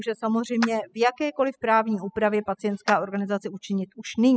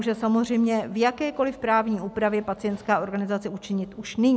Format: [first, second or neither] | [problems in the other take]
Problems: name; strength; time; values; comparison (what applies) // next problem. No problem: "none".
second | noise reduction (classical method spectral subtraction)